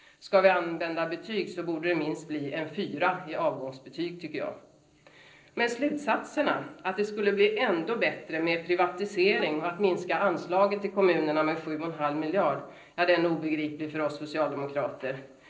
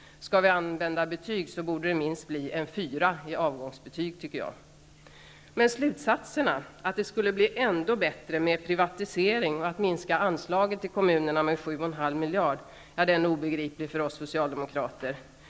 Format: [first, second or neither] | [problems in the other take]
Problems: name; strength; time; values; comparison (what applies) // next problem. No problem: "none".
second | noise reduction (neural separator model SepFormer DNS4)